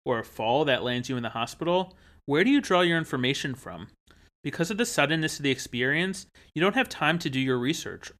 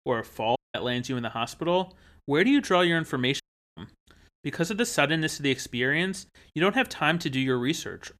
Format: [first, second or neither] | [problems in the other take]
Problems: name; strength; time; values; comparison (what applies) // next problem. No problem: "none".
first | audio cutting out; at 0.5 s and at 3.5 s